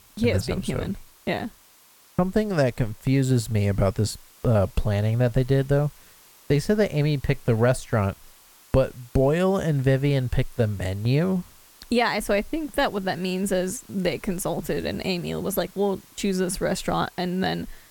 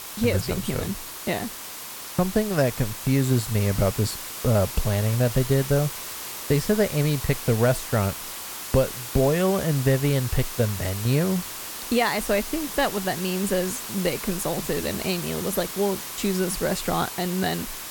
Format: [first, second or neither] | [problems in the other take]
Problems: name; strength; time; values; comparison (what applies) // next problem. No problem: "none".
first | hiss; loud; throughout; 8 dB below the speech; faint in the first